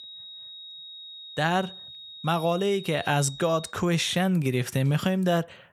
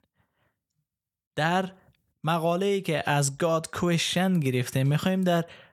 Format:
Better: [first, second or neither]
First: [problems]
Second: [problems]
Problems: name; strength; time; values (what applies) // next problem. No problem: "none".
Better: second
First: high-pitched whine; noticeable; until 3.5 s; 4 kHz, 15 dB below the speech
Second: none